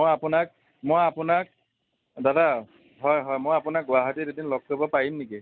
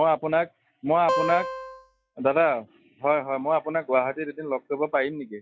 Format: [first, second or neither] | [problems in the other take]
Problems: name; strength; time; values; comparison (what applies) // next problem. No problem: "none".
first | noise reduction (classical method log-MMSE)